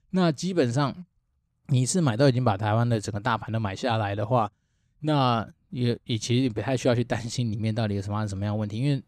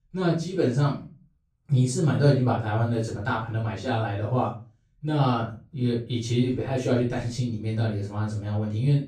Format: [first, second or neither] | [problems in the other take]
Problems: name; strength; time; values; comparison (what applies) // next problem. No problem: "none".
first | off-mic speech; far // room echo; noticeable; dies away in 0.3 s